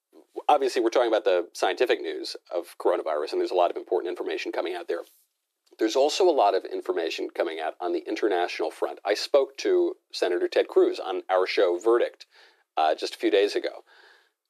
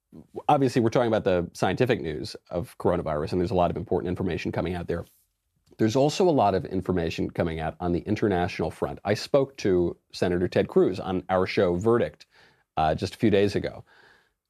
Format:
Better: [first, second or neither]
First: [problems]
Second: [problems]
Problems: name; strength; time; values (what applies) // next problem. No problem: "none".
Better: second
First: thin; very; fading below 350 Hz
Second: none